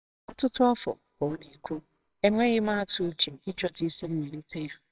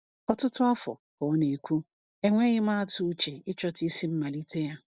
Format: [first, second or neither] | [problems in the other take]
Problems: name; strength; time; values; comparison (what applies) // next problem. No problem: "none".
second | noise reduction (neural separator model SepFormer WHAMR!)